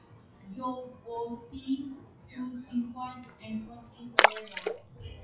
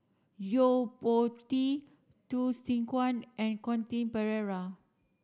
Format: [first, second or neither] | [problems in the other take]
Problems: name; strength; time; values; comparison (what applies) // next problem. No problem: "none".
second | noise reduction (classical method WPE with log-MMSE)